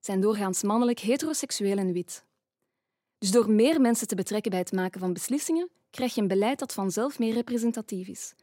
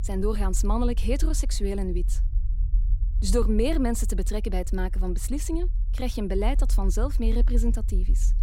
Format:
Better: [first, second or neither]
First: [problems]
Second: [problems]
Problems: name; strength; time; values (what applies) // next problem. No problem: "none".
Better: first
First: none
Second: low rumble; noticeable; throughout; 20 dB below the speech